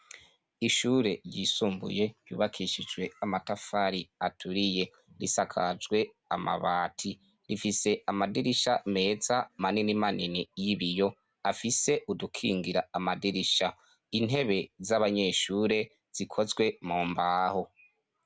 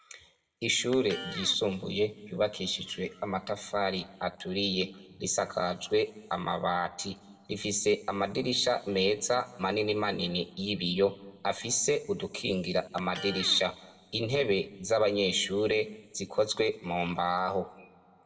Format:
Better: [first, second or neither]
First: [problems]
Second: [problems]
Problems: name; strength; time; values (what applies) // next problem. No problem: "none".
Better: first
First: none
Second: background sound (Electric guitar); 17 dB below the speech // room echo; dies away in 0.8 s